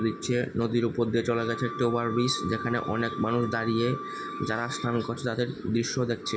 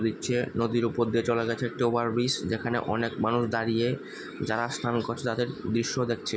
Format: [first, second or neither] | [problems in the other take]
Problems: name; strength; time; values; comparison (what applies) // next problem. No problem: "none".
second | background sound (Wind instrument, woodwind instrument); 12 dB below the speech // room echo; dies away in 0.5 s